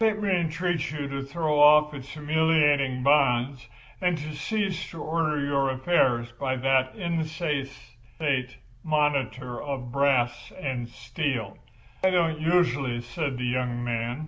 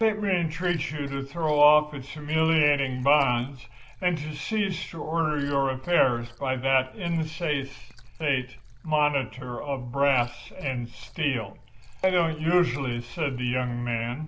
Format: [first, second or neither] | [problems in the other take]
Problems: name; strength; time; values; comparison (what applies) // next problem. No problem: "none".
first | background sound (Liquid); 18 dB below the speech